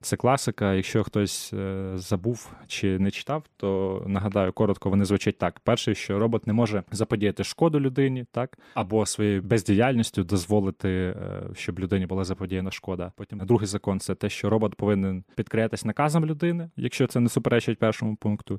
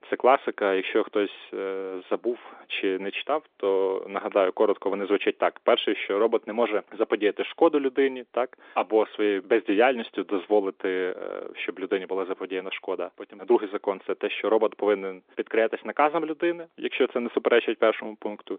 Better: first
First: none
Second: phone-call audio; nothing above 3.5 kHz

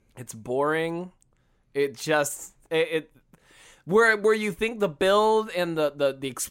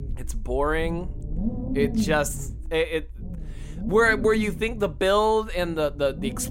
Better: first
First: none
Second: low rumble; noticeable; throughout; 15 dB below the speech

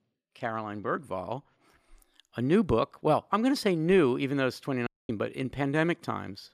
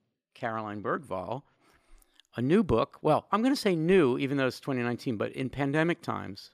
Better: second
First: audio cutting out; at 5 s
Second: none

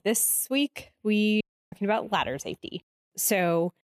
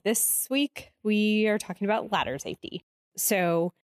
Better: second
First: audio cutting out; at 1.5 s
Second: none

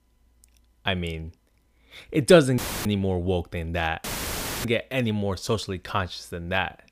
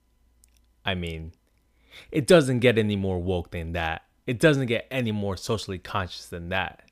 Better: second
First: audio cutting out; filled with static; at 2.5 s and at 4 s for 0.5 s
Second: none

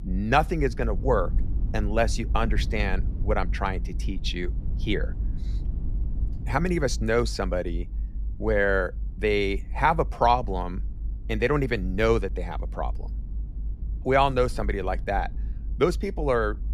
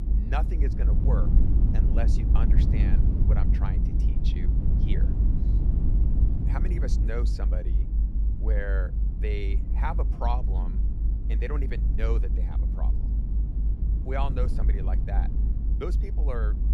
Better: first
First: low rumble; faint; throughout; 25 dB below the speech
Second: low rumble; loud; throughout; 4 dB below the speech

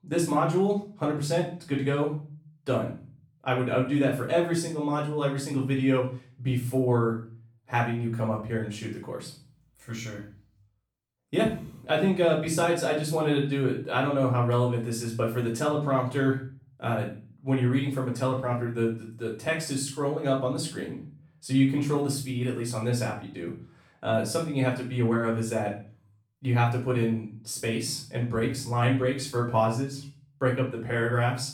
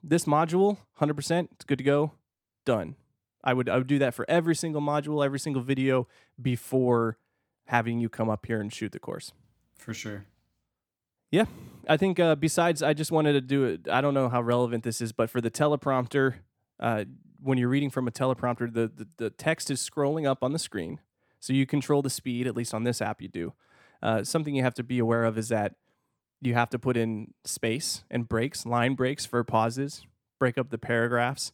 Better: second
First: room echo; slight; dies away in 0.4 s // off-mic speech; far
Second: none

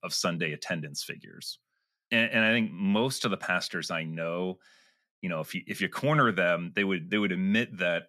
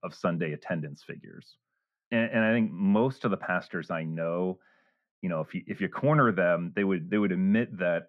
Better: first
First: none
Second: muffled; very; fading above 3 kHz

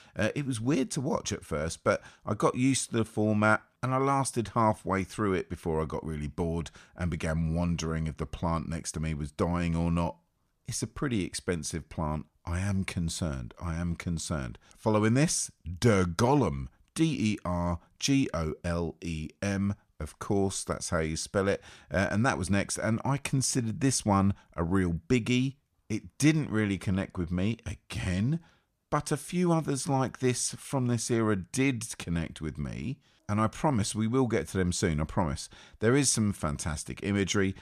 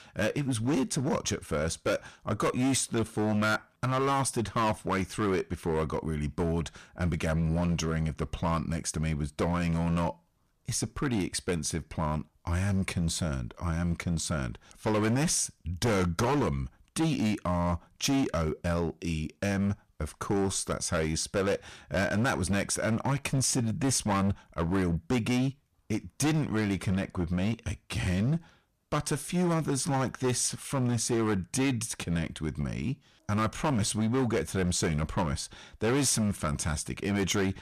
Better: first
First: none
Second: distortion; heavy; 12% of the sound clipped

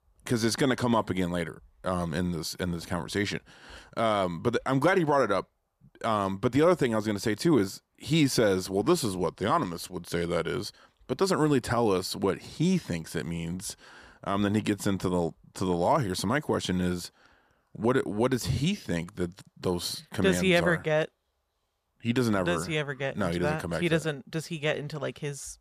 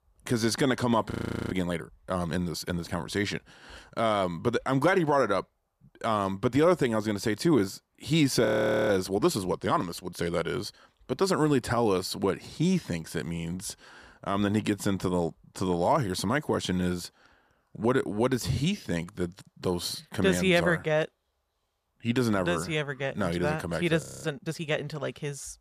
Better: first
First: none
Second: audio freezing; at 1 s, at 8.5 s and at 24 s

